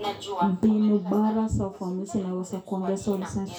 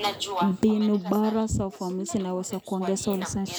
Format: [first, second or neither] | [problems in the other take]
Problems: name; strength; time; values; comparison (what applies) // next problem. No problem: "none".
second | room echo; dies away in 0.3 s